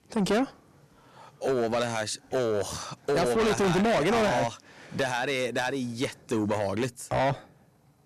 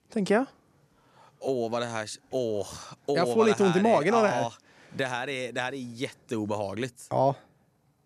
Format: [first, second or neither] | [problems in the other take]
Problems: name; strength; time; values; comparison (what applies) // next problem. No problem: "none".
second | distortion; heavy; 6 dB below the speech